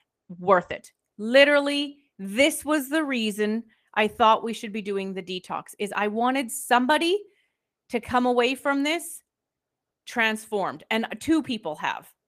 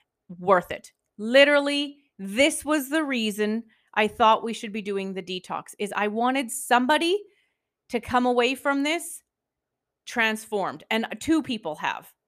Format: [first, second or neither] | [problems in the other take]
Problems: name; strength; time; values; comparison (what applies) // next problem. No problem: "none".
second | garbled, watery; slightly; nothing above 14.5 kHz